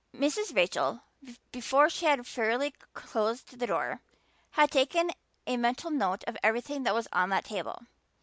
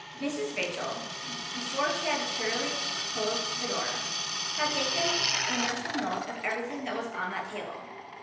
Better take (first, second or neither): first